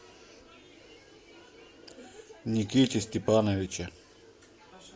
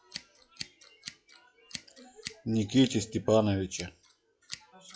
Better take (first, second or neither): first